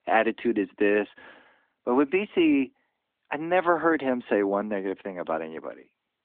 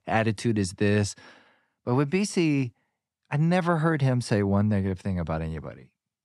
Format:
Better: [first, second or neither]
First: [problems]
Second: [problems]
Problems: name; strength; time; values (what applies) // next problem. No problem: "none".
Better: second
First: phone-call audio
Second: none